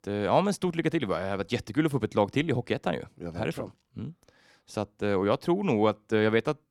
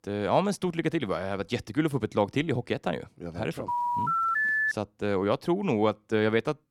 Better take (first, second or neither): first